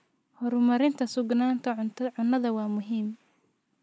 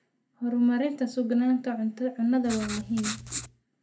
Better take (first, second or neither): first